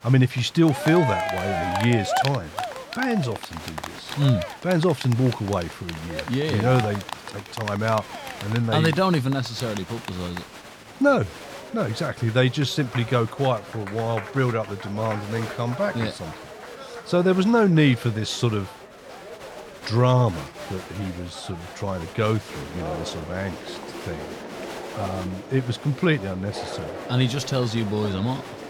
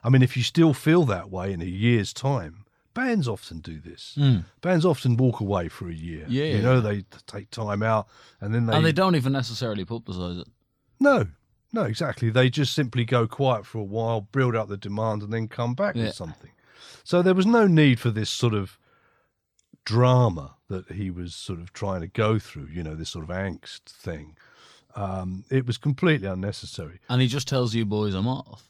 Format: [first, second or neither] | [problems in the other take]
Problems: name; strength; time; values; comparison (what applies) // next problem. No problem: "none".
second | crowd noise; loud; throughout; 10 dB below the speech